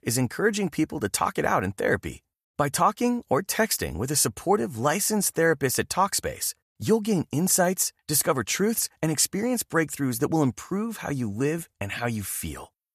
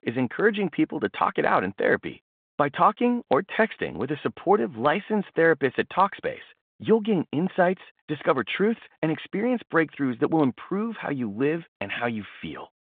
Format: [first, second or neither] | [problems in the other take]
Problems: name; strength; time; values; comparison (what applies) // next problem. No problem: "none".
first | phone-call audio